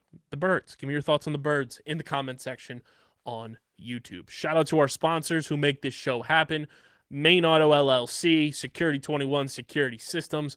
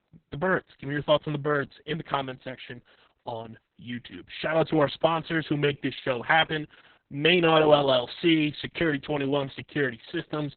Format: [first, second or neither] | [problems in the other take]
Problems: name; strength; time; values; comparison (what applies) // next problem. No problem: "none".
first | garbled, watery; badly; slightly in the first